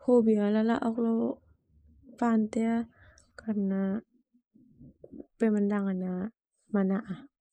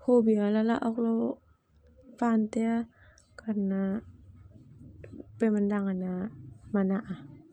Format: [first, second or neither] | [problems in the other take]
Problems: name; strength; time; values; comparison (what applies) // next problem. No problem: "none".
second | noise reduction (neural mask model Resemble Enhance denoiser)